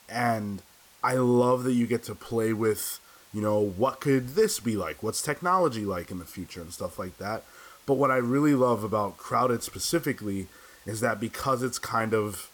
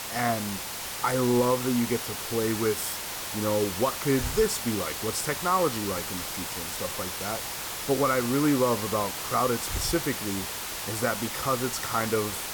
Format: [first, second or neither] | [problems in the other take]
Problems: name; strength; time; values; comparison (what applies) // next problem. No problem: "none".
first | hiss; loud; throughout; 4 dB below the speech; faint in the first